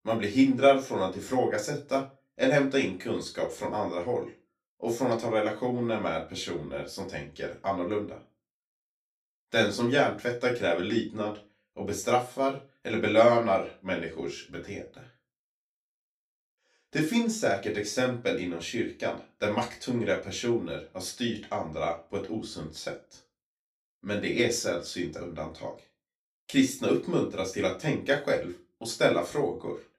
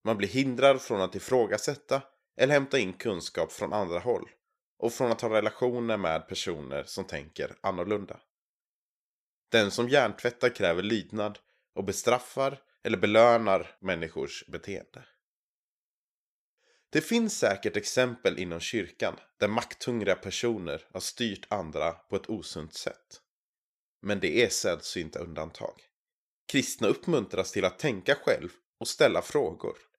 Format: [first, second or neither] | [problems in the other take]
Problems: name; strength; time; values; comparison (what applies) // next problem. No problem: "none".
second | off-mic speech; far // room echo; very slight; dies away in 0.2 s